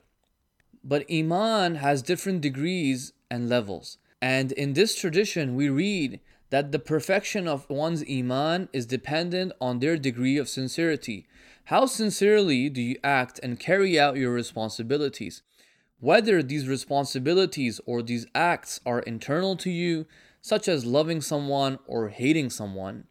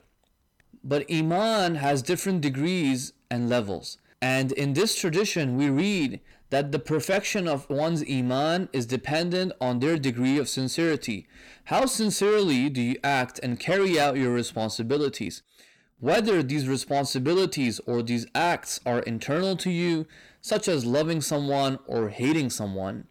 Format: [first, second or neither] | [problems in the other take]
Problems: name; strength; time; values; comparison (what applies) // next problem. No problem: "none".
first | distortion; slight; 10 dB below the speech